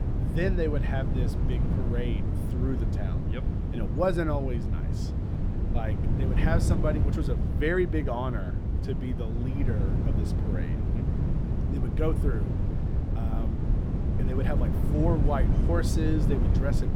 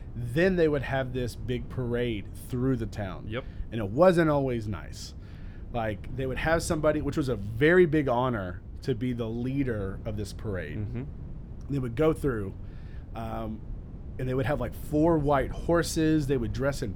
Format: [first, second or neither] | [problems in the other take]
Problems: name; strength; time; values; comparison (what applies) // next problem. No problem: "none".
second | wind noise on the microphone; heavy; 5 dB below the speech; occasional gusts in the second